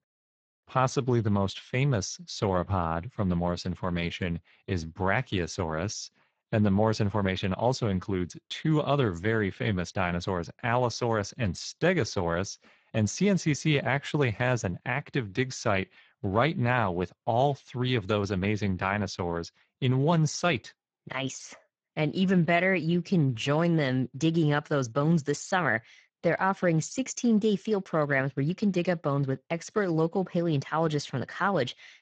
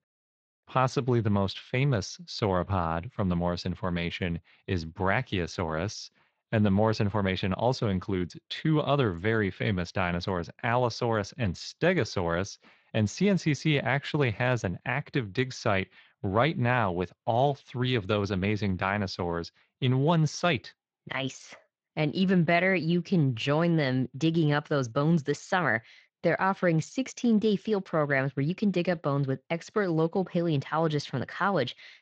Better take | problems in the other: second | garbled, watery; badly; nothing above 7.5 kHz; slightly in the second

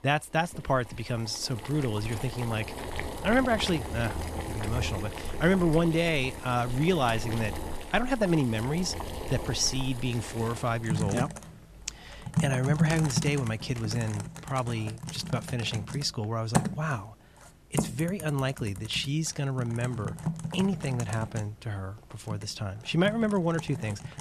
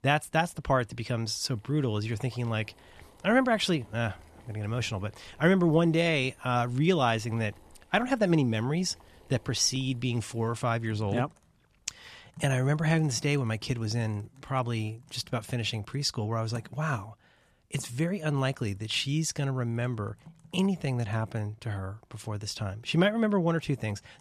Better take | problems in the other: second | household noises; loud; throughout; 7 dB below the speech; faint in the second

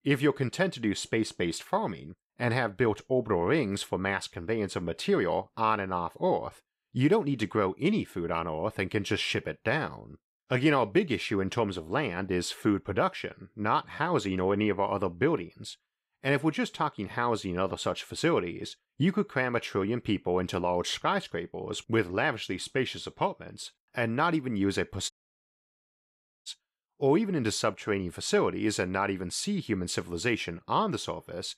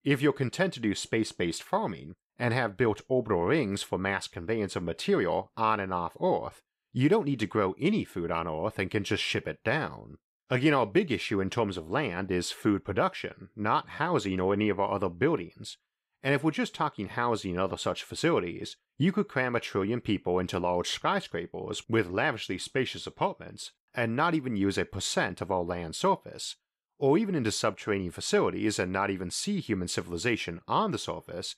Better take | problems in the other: second | audio cutting out; at 25 s for 1.5 s

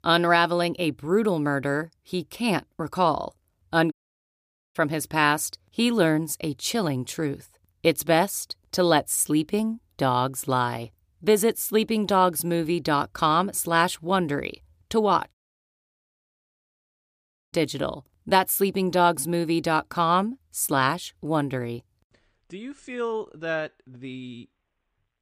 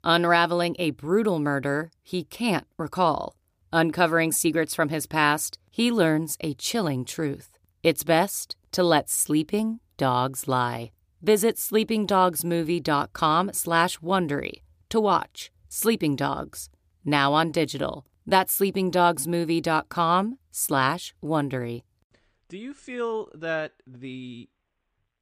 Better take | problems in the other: second | audio cutting out; at 4 s for 1 s and at 15 s for 2 s

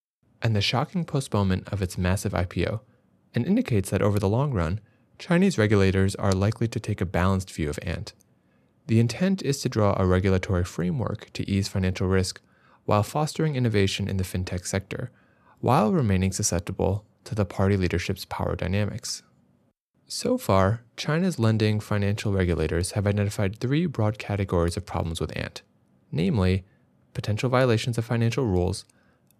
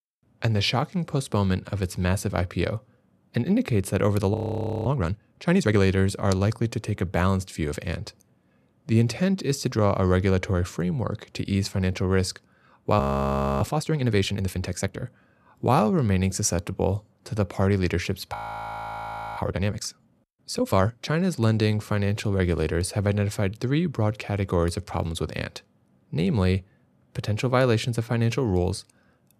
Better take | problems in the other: first | audio freezing; at 4.5 s for 0.5 s, at 13 s for 0.5 s and at 18 s for 1 s

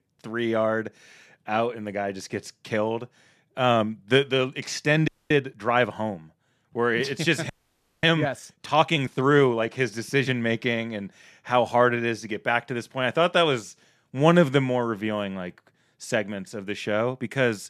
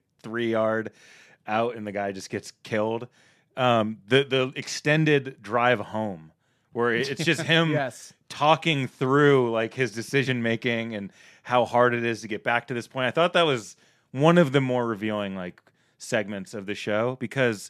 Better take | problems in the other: second | audio freezing; at 5 s and at 7.5 s for 0.5 s

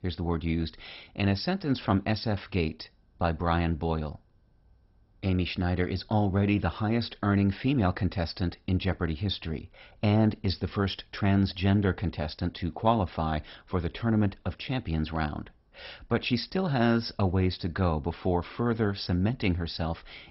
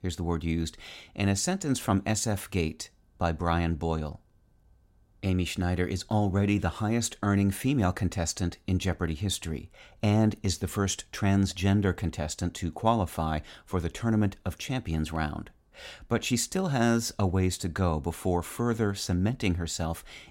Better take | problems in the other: second | garbled, watery; badly; nothing above 5.5 kHz

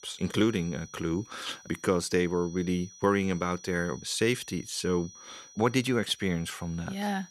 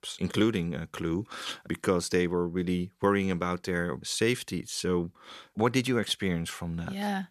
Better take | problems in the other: second | high-pitched whine; noticeable; throughout; 6 kHz, 20 dB below the speech

